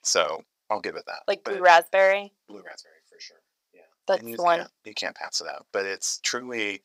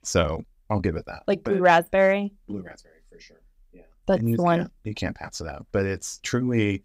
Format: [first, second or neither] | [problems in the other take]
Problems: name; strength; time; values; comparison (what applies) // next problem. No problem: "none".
second | thin; very; fading below 700 Hz